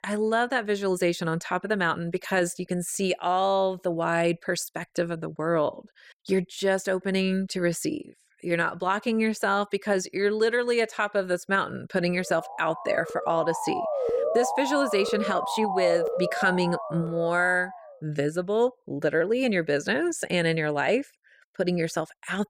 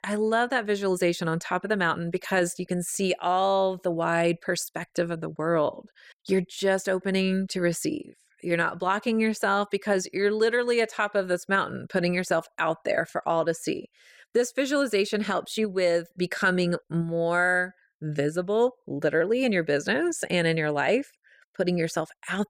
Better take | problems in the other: second | siren; loud; from 12 to 18 s; peak level with the speech

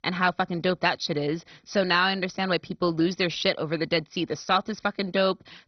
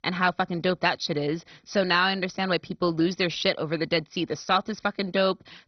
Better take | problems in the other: neither | garbled, watery; badly; nothing above 6 kHz; the same in both

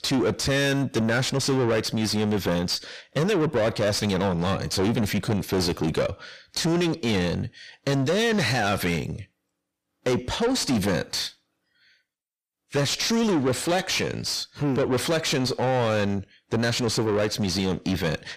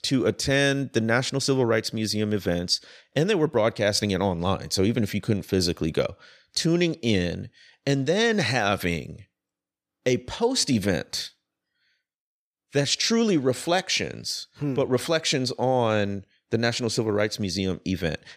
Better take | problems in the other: second | distortion; heavy; 7 dB below the speech

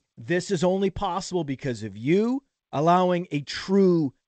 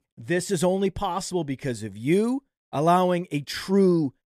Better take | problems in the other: second | garbled, watery; slightly; nothing above 8 kHz

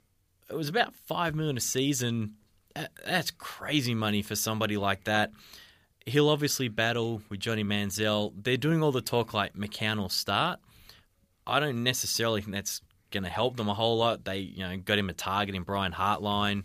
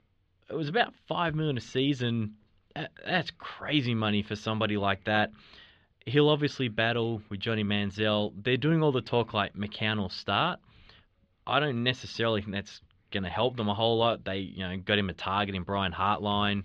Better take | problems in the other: first | muffled; slightly; fading above 3.5 kHz

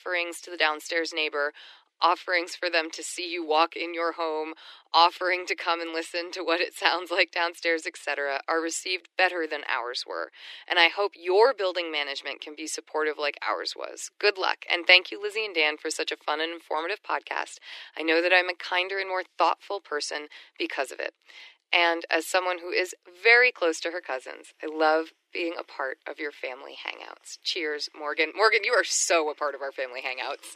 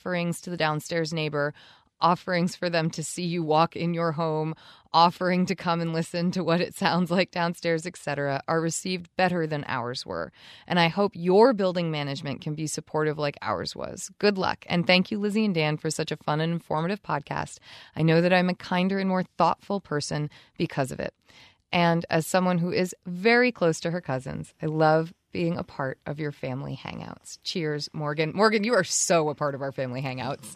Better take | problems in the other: second | thin; very; fading below 300 Hz

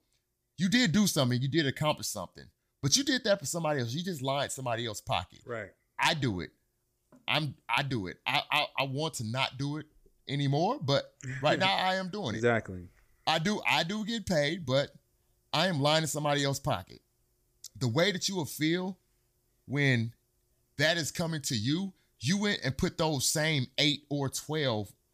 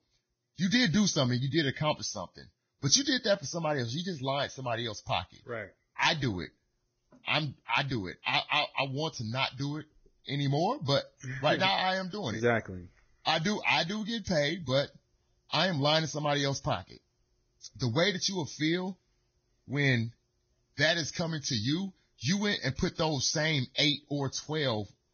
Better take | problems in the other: first | garbled, watery; badly; nothing above 6.5 kHz

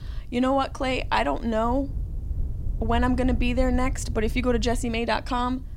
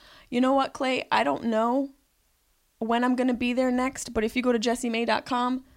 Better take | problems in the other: second | wind noise on the microphone; occasional gusts; 25 dB below the speech

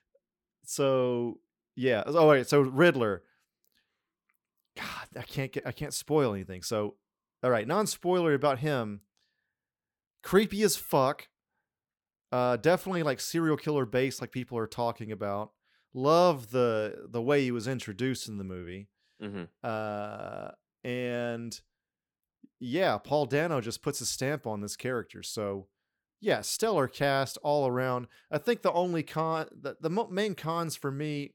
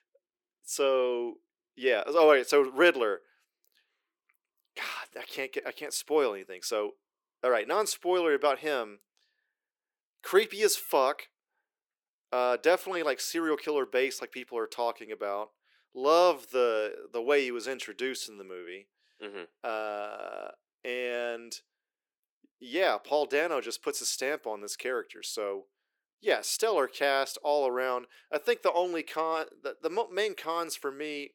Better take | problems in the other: first | thin; somewhat; fading below 350 Hz

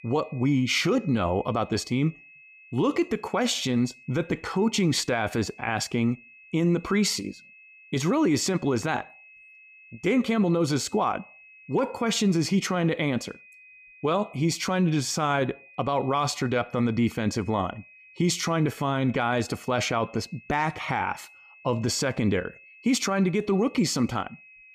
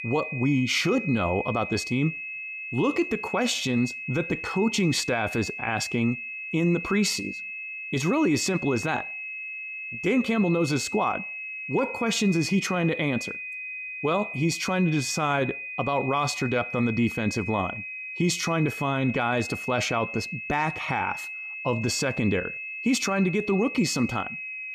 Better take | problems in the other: first | high-pitched whine; loud; throughout; 2.5 kHz, 7 dB below the speech; faint in the first

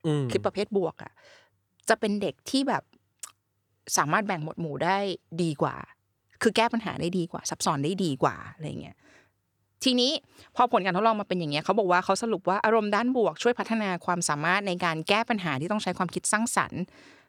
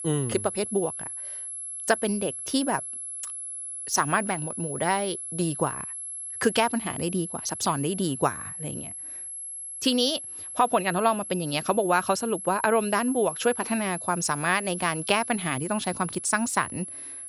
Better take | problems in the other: first | high-pitched whine; loud; throughout; 11 kHz, 7 dB below the speech

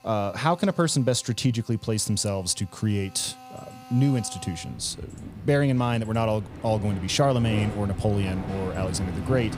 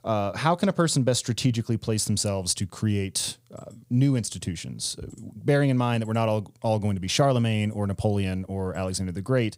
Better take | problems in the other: second | machinery noise; noticeable; throughout; 10 dB below the speech

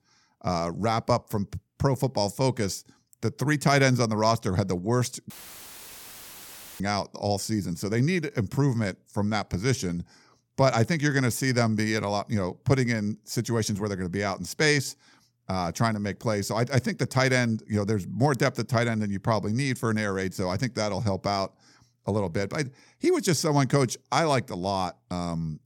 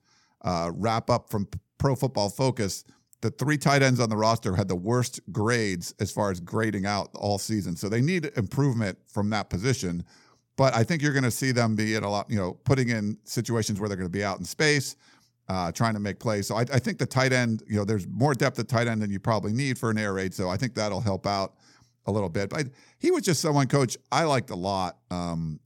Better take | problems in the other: second | audio cutting out; filled with static; at 5.5 s for 1.5 s

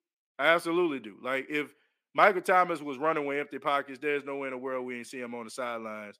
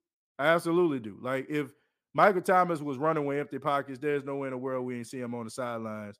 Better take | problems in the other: second | thin; very slightly; fading below 250 Hz

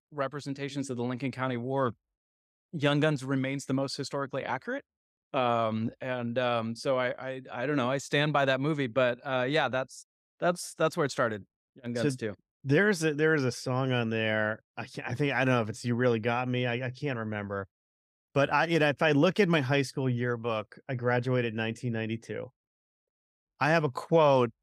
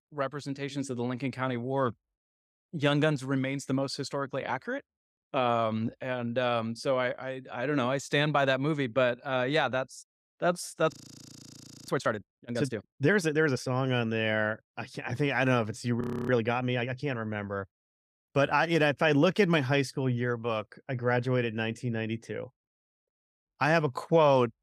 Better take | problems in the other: first | audio freezing; at 11 s for 1 s and at 16 s

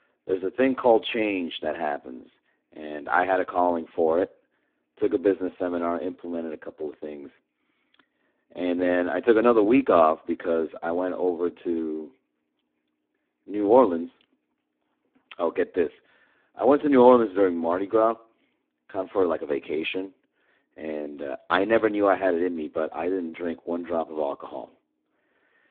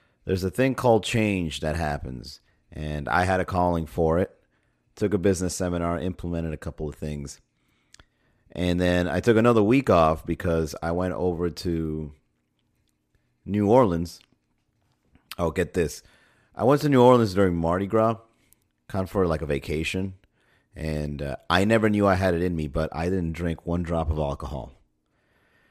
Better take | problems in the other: second | phone-call audio; poor line

